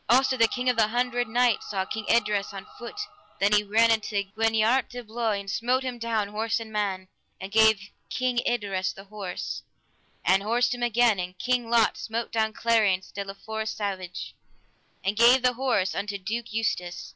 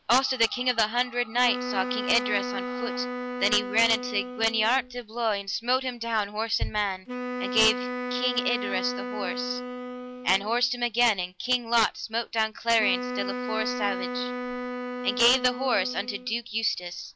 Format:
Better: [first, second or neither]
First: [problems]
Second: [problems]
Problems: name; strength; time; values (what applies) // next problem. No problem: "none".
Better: first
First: none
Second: background sound (Bass drum + Wind instrument, woodwind instrument); 6 dB below the speech